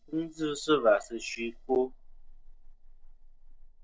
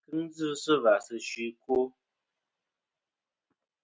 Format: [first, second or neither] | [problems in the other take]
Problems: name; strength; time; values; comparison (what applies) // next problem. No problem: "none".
second | noise reduction (neural separator model SepFormer DNS4)